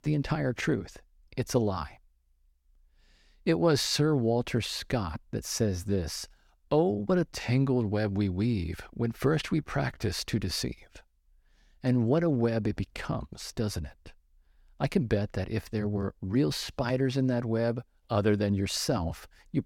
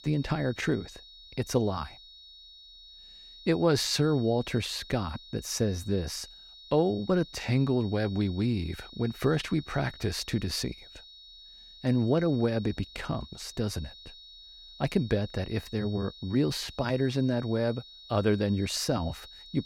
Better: first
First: none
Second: high-pitched whine; noticeable; throughout; 4 kHz, 20 dB below the speech

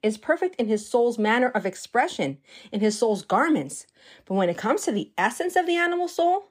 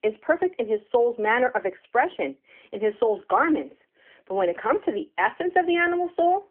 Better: first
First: none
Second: phone-call audio; nothing above 3 kHz

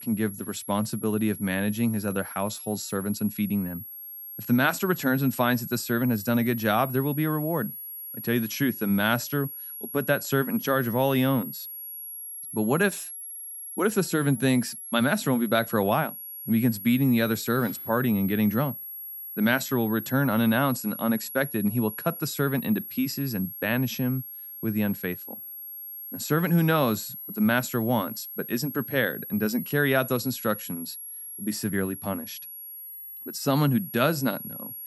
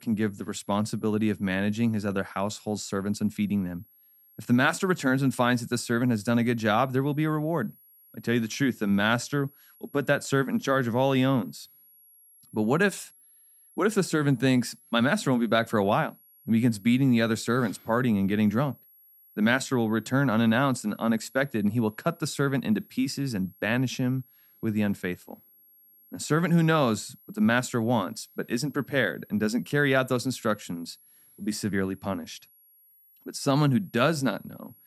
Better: second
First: high-pitched whine; loud; throughout; 11.5 kHz, 10 dB below the speech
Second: high-pitched whine; faint; throughout; 11.5 kHz, 30 dB below the speech

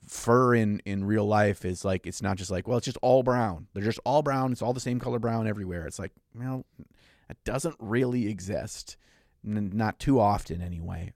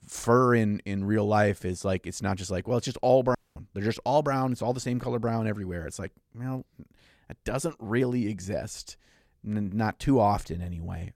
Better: first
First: none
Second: audio cutting out; at 3.5 s

